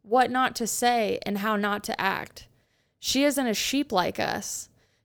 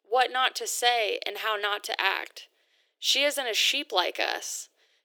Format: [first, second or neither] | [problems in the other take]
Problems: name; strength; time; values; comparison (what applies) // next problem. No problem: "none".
first | thin; very; fading below 350 Hz